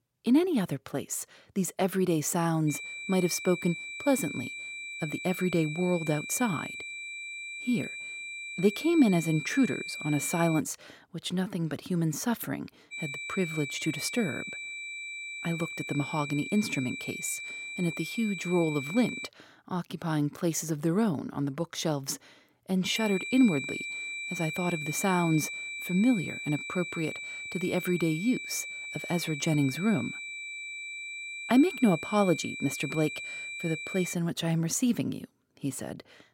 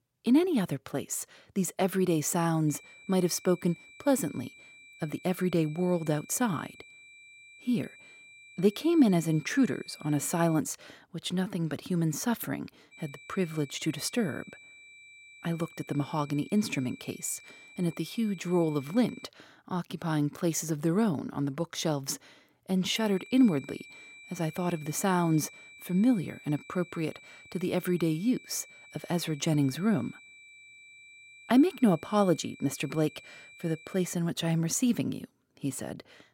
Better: second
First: high-pitched whine; loud; from 2.5 to 11 s, from 13 to 19 s and from 23 to 34 s; 2.5 kHz, 7 dB below the speech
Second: high-pitched whine; faint; from 2.5 to 11 s, from 13 to 19 s and from 23 to 34 s; 2.5 kHz, 20 dB below the speech

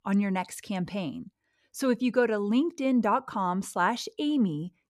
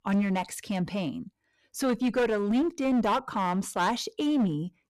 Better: first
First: none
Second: distortion; slight; 12% of the sound clipped

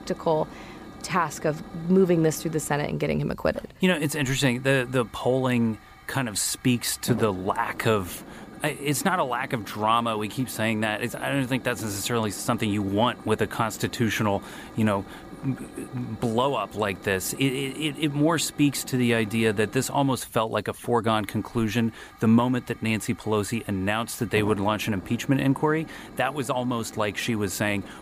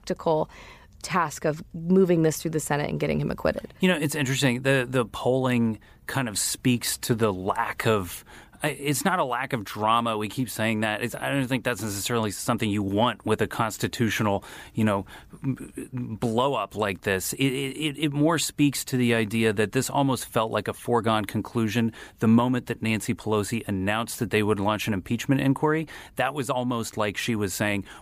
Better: second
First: hiss; noticeable; throughout; 20 dB below the speech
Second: none

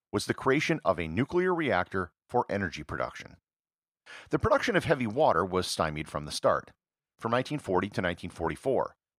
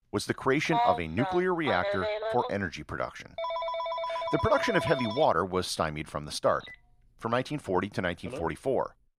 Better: first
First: none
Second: phone ringing; loud; from 0.5 to 8.5 s; peak 2 dB above the speech

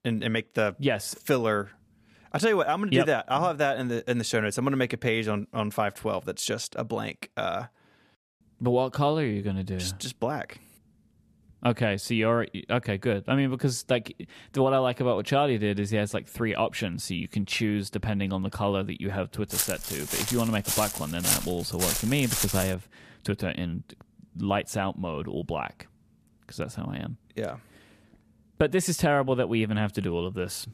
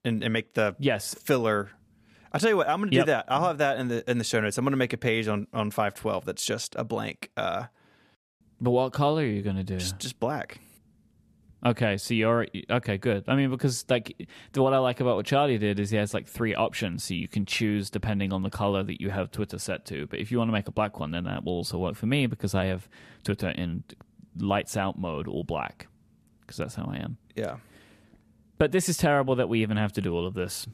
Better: second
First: footsteps; loud; from 20 to 23 s; peak 3 dB above the speech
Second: none

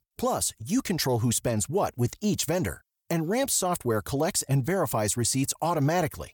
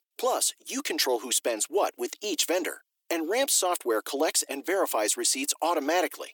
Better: first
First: none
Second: thin; somewhat; fading below 300 Hz

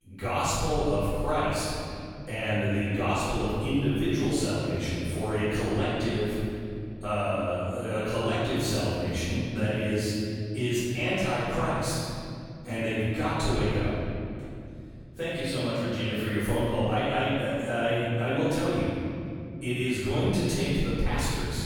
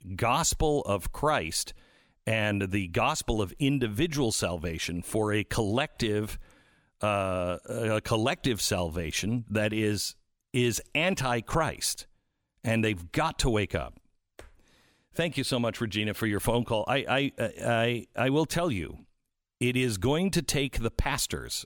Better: second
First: room echo; strong; dies away in 2.8 s // off-mic speech; far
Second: none

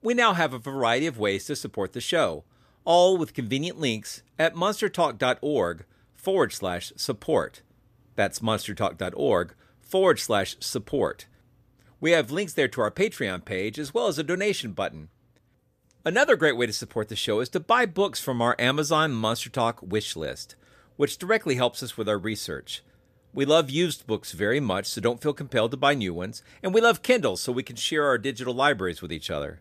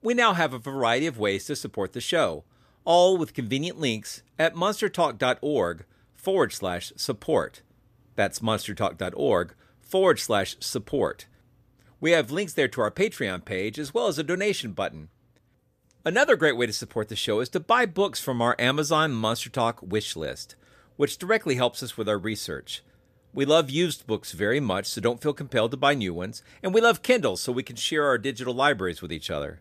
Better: neither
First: none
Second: none

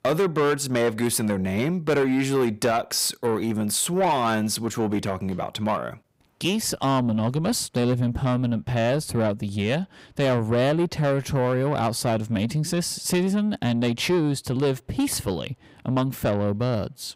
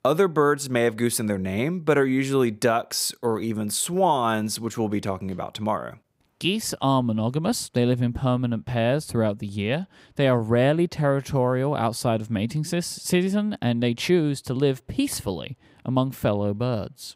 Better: second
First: distortion; slight; 10 dB below the speech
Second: none

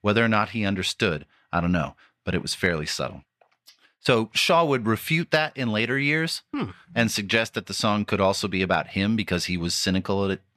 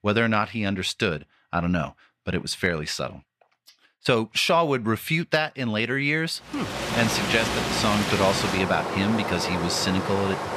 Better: first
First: none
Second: rain or running water; loud; from 6.5 s on; 3 dB below the speech

